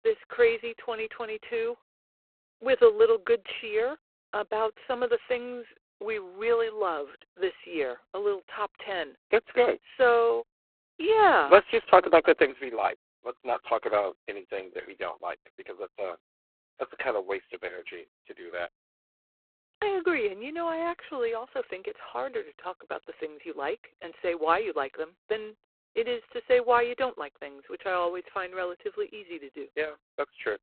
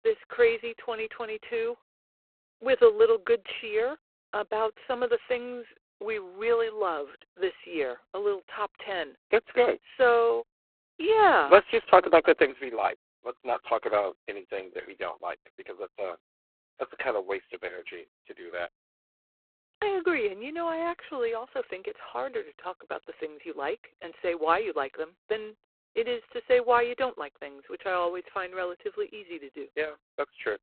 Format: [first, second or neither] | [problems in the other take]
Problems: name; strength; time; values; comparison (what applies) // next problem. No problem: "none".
neither | phone-call audio; poor line; nothing above 4 kHz; the same in both